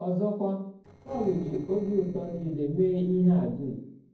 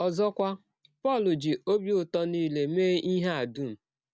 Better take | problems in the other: second | noise reduction (neural separator model SepFormer DNS4)

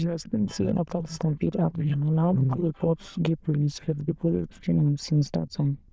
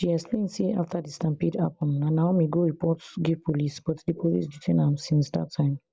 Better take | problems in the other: second | noise reduction (neural diffusion model UNIVERSE++)

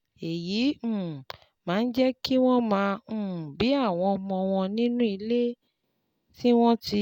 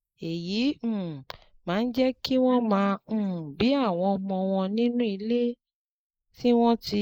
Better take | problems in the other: first | noise reduction (neural mask model Resemble Enhance denoiser)

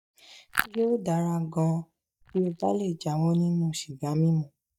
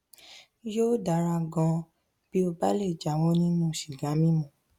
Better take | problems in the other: second | noise reduction (neural mask model DeepFilterNet 3)

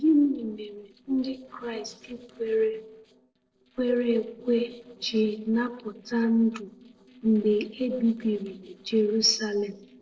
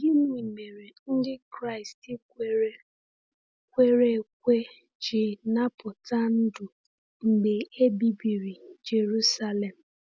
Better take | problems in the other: second | noise reduction (neural separator model SepFormer DNS4)

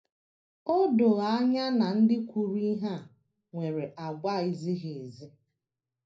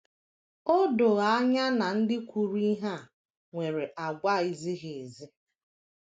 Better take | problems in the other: second | room echo; dies away in 0.4 s

